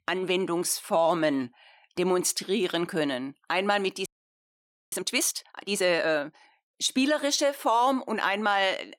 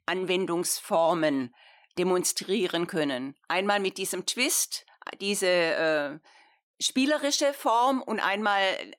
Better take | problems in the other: second | audio freezing; at 4 s for 1 s

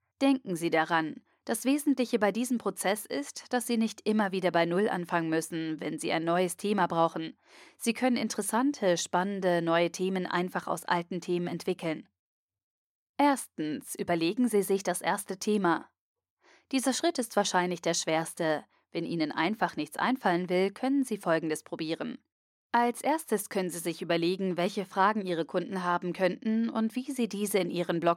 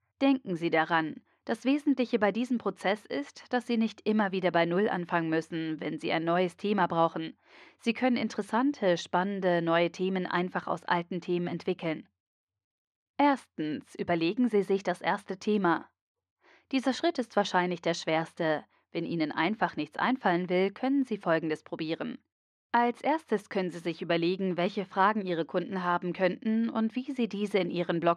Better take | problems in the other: first | muffled; very slightly; fading above 3 kHz

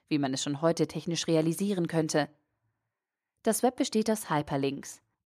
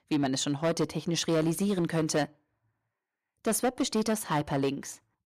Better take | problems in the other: first | distortion; slight; 7% of the sound clipped

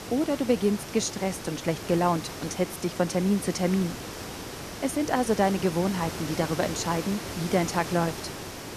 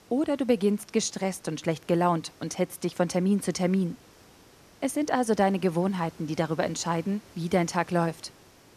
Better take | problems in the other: second | hiss; loud; throughout; 9 dB below the speech; faint in the second

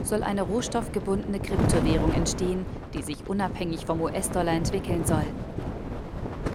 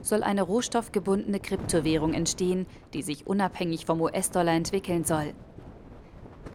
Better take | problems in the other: second | wind noise on the microphone; heavy; 5 dB below the speech; occasional gusts in the second

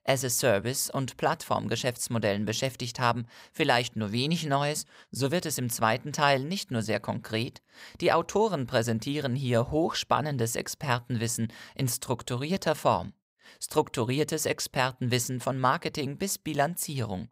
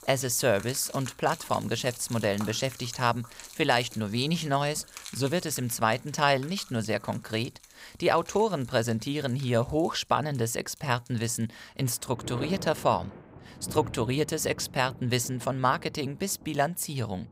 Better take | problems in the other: first | rain or running water; noticeable; throughout; 15 dB below the speech

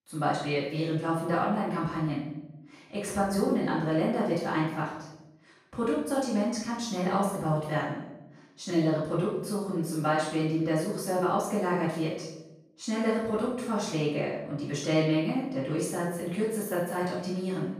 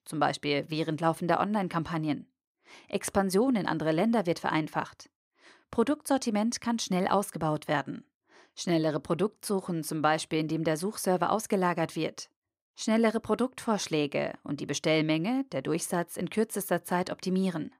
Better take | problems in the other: second | room echo; noticeable; dies away in 0.7 s // off-mic speech; far

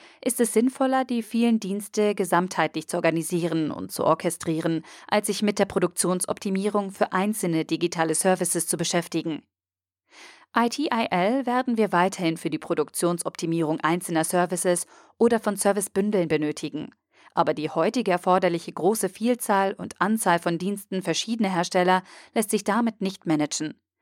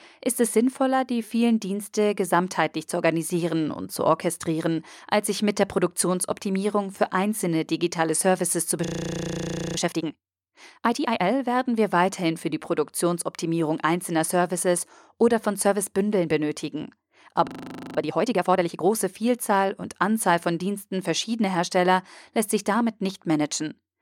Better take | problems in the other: first | audio freezing; at 9 s for 1 s and at 17 s

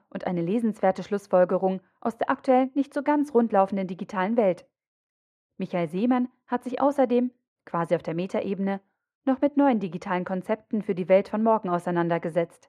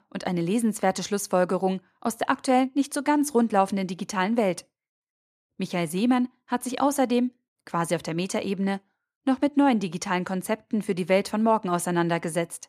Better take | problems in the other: second | muffled; very; fading above 4 kHz

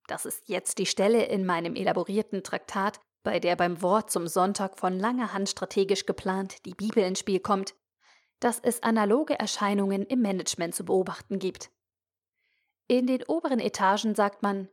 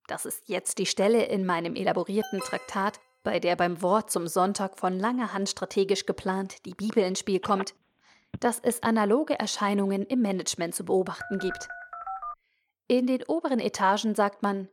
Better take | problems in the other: first | alarm; faint; at 2 s; peak 10 dB below the speech // phone ringing; faint; from 7.5 to 9 s; peak 10 dB below the speech // phone ringing; noticeable; from 11 to 12 s; peak 9 dB below the speech

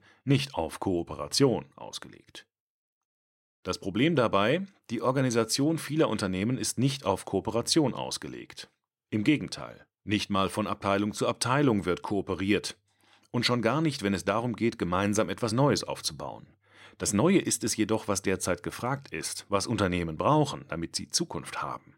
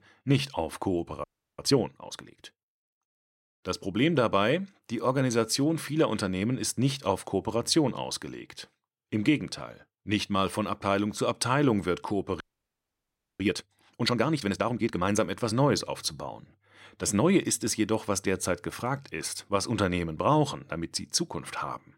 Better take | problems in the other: first | audio freezing; at 1 s and at 12 s for 1 s

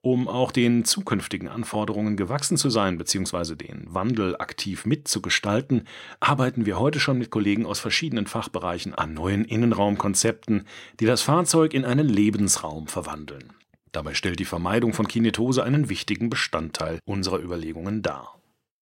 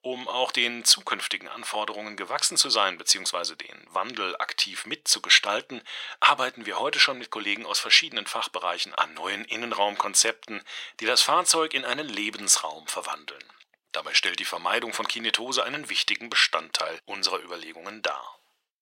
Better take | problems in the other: first | thin; very; fading below 750 Hz

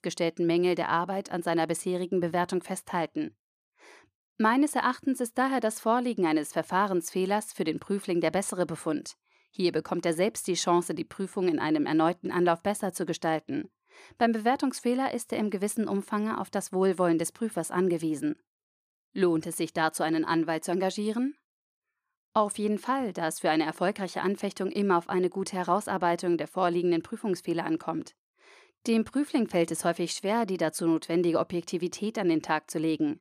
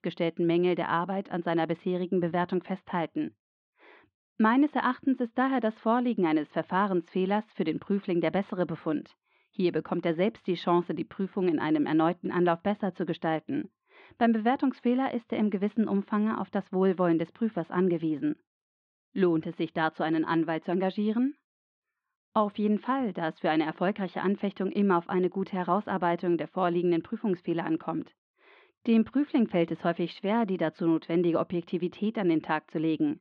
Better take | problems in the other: first | muffled; very; fading above 3.5 kHz

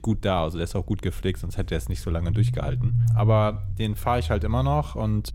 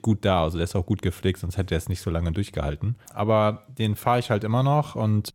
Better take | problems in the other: second | low rumble; noticeable; throughout; 10 dB below the speech

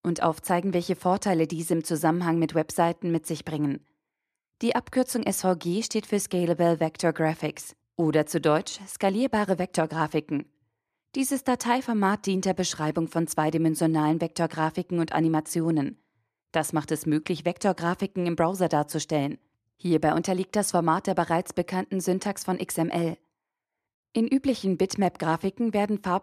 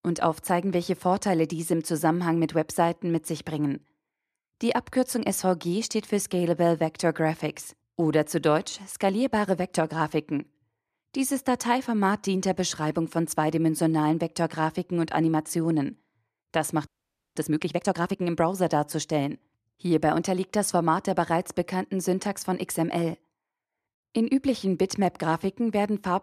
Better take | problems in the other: first | audio freezing; at 17 s

